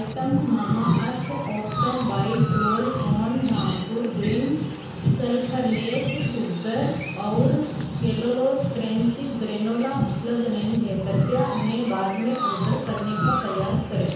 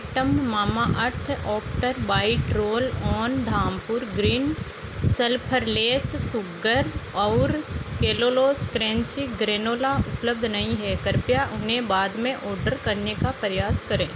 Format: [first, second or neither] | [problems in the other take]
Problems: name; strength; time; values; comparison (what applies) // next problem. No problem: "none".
second | background sound (Chirp, tweet); 11 dB below the speech // room echo; dies away in 0.9 s